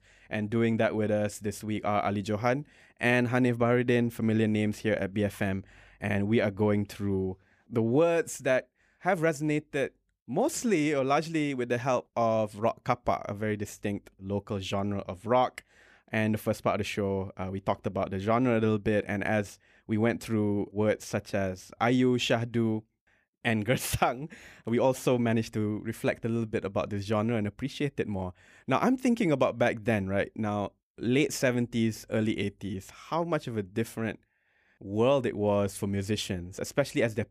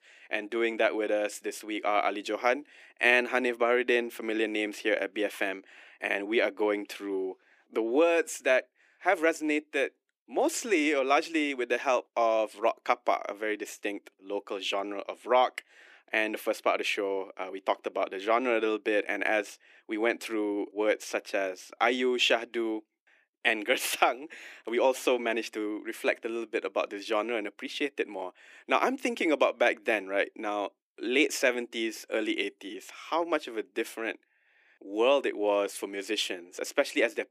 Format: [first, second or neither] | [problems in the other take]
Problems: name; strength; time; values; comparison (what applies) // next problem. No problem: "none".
first | thin; somewhat; fading below 300 Hz